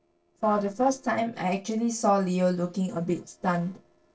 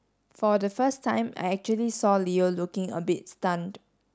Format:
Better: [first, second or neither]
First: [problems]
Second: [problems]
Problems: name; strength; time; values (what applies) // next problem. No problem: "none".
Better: second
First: noise reduction (neural separator model SepFormer DNS4)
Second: none